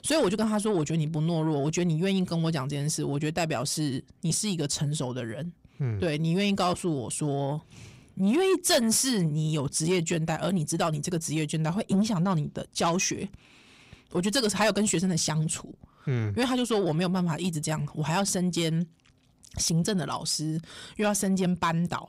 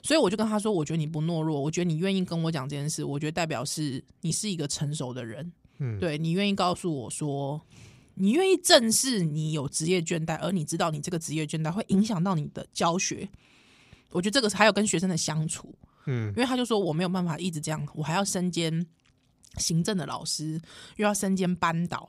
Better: second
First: distortion; slight; 10 dB below the speech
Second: none

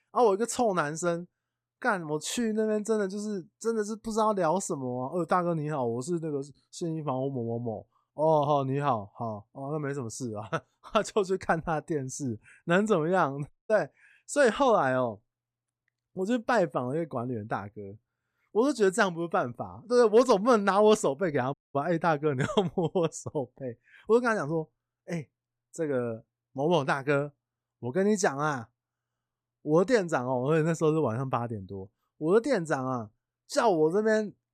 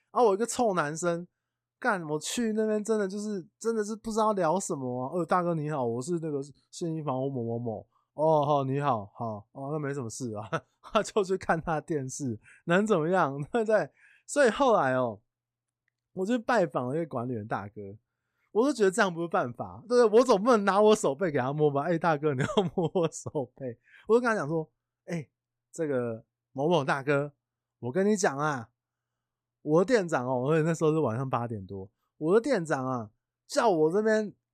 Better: second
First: audio cutting out; at 14 s and at 22 s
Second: none

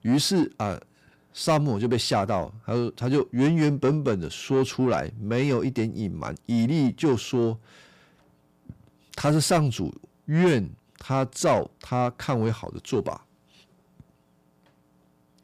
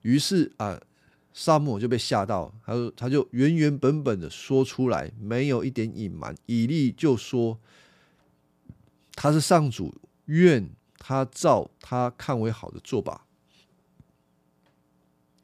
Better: second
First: distortion; slight; 10 dB below the speech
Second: none

